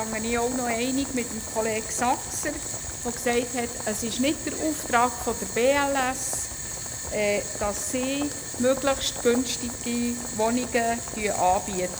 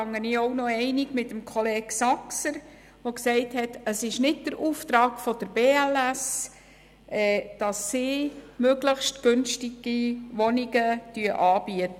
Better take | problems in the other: second | background sound (Boiling); 7 dB below the speech

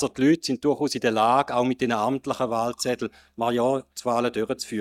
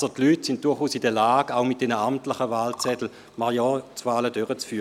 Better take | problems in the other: second | noise reduction (neural mask model DeepFilterNet 3)

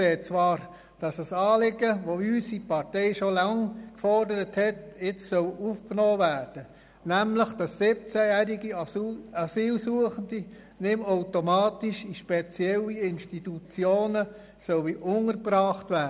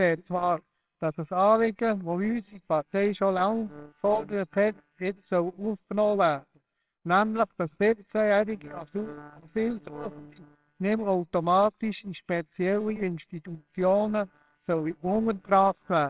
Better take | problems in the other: first | noise reduction (neural separator model SepFormer WHAMR!)

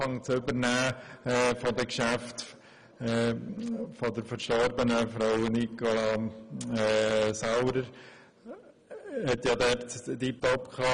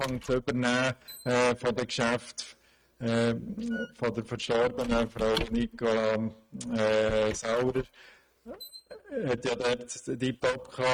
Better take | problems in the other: first | noise reduction (neural mask model RNNoise)

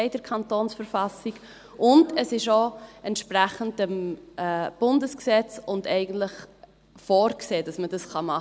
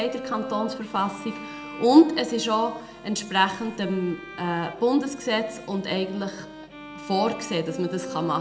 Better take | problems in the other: first | background sound (Bowed string instrument); 14 dB below the speech // room echo; dies away in 1.7 s

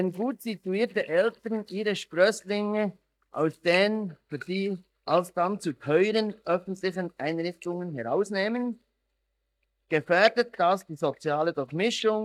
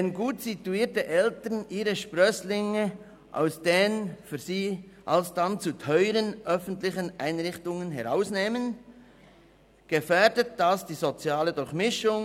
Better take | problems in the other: second | noise reduction (neural mask model DeepFilterNet 3)

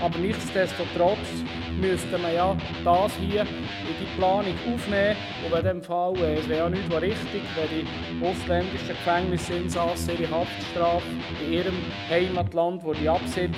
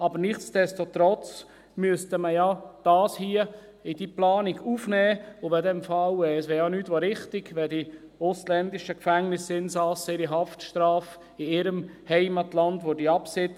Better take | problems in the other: second | background sound (Electric guitar); 5 dB below the speech

